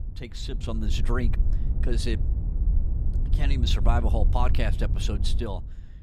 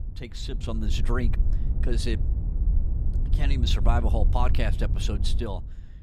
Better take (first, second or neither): neither